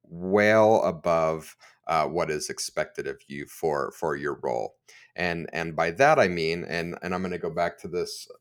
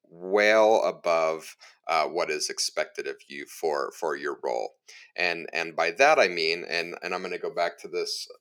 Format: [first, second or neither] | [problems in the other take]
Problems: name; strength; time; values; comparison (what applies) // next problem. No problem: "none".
first | thin; somewhat; fading below 400 Hz